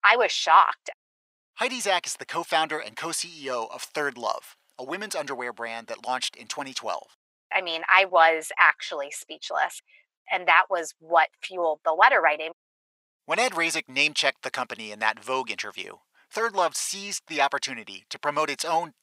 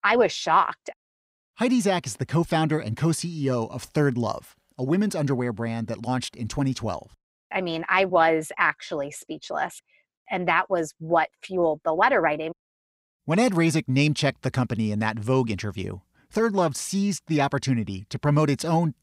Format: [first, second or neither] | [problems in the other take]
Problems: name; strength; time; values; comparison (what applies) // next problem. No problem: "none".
second | thin; very; fading below 800 Hz